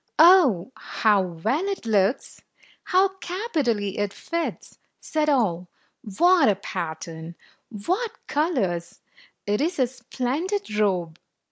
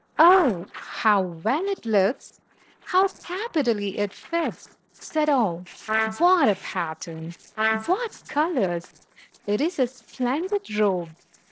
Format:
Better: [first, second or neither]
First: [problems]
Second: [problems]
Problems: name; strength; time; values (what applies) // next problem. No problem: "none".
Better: first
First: none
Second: noise reduction (neural separator model SepFormer DNS4)